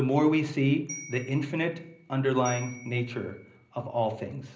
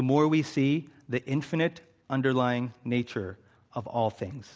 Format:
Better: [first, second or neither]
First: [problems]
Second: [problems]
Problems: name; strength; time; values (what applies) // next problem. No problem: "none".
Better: second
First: background sound (Bell); 17 dB below the speech // room echo; dies away in 0.5 s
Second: none